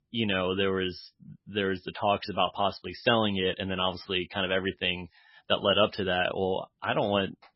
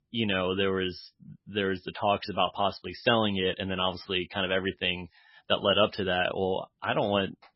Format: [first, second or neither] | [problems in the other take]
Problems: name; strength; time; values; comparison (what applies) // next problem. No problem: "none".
neither | garbled, watery; badly; nothing above 5.5 kHz; the same in both